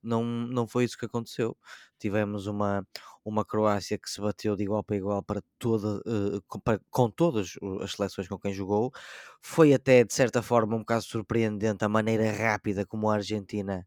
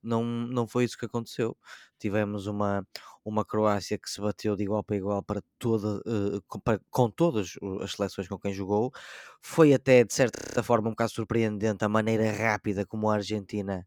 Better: first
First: none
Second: audio freezing; at 10 s

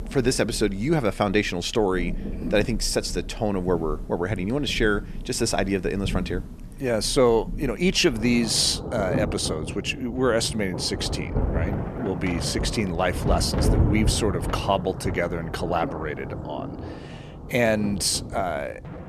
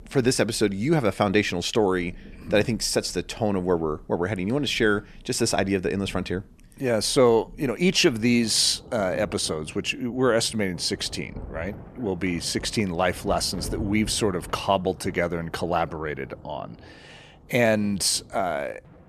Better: second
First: rain or running water; loud; throughout; 7 dB below the speech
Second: rain or running water; faint; throughout; 20 dB below the speech

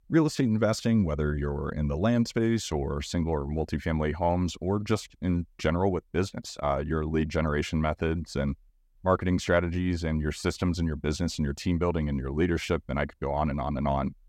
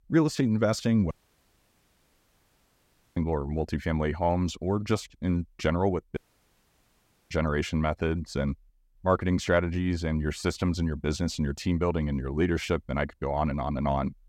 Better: first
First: none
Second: audio cutting out; at 1 s for 2 s and at 6 s for 1 s

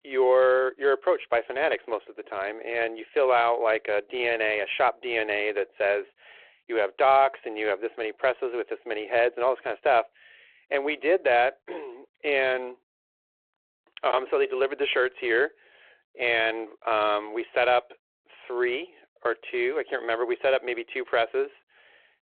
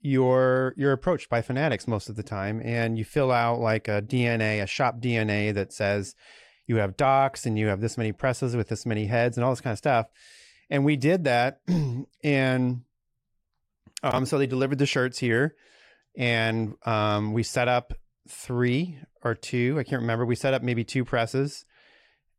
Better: second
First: phone-call audio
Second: none

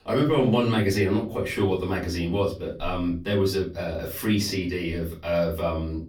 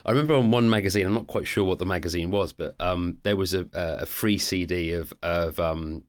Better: second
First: off-mic speech; far // room echo; very slight; dies away in 0.4 s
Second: none

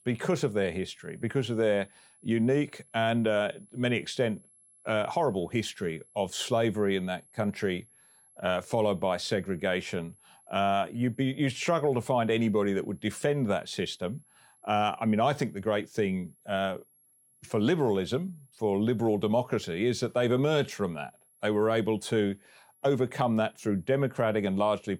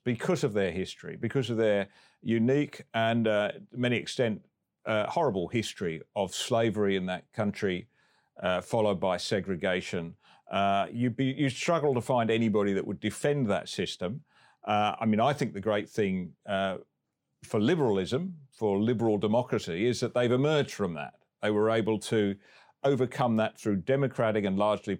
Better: second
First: high-pitched whine; faint; throughout; 11 kHz, 30 dB below the speech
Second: none

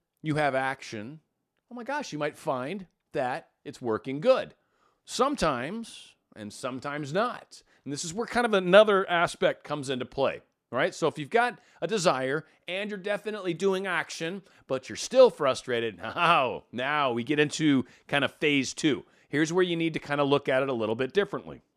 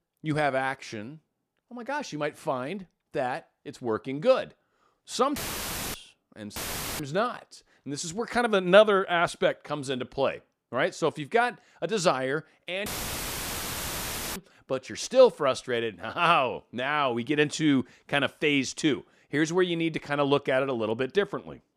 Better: first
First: none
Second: audio cutting out; filled with static; at 5.5 s for 0.5 s, at 6.5 s and at 13 s for 1.5 s

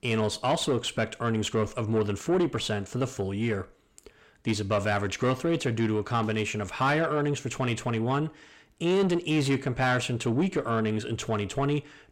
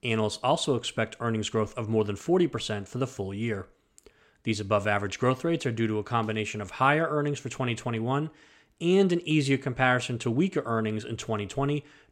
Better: second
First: distortion; slight; 10 dB below the speech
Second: none

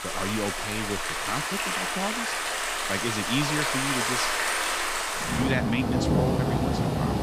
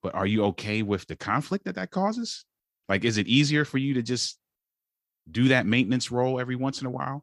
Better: second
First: rain or running water; very loud; throughout; 5 dB above the speech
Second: none

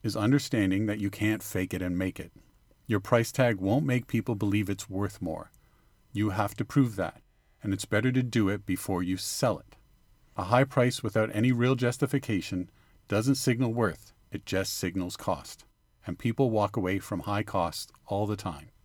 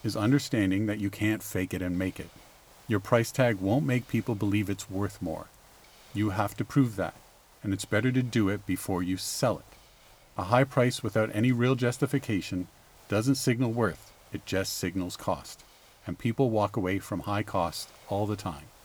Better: first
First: none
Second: hiss; faint; throughout; 25 dB below the speech

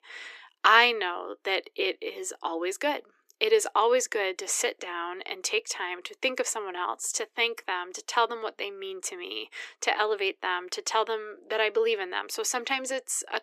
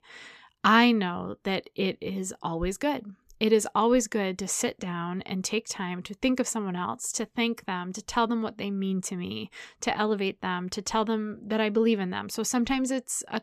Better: second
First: thin; very; fading below 300 Hz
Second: none

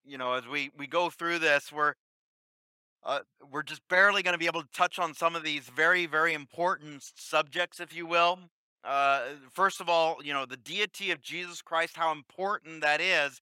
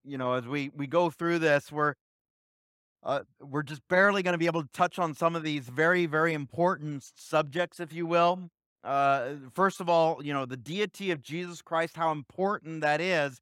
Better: second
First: thin; somewhat; fading below 1 kHz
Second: none

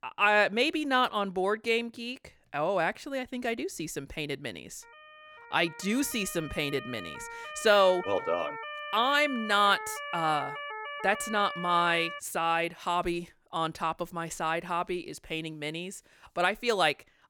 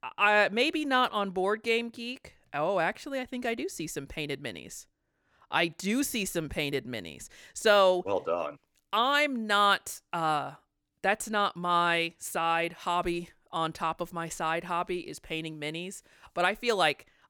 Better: second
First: siren; noticeable; from 5 to 12 s; peak 8 dB below the speech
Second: none

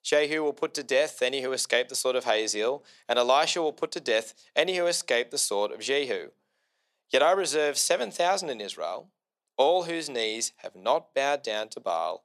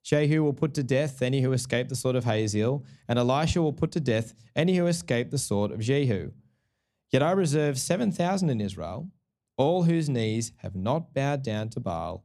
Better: second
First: thin; very; fading below 500 Hz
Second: none

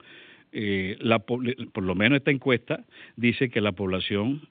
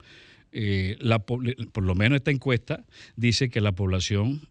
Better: second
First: phone-call audio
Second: none

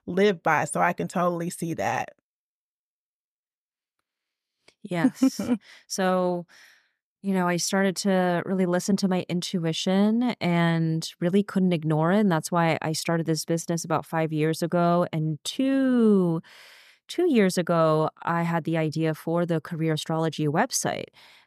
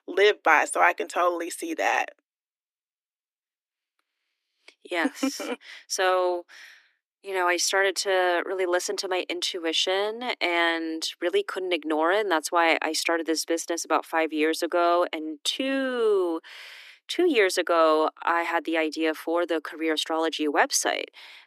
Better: first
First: none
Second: thin; very; fading below 300 Hz

